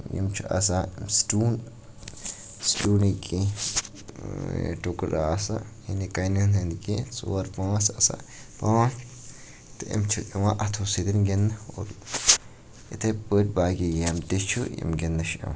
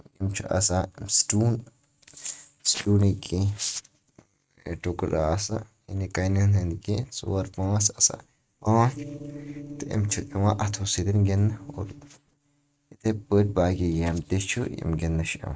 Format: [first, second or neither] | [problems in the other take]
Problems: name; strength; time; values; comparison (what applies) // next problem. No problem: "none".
first | noise reduction (neural mask model RNNoise)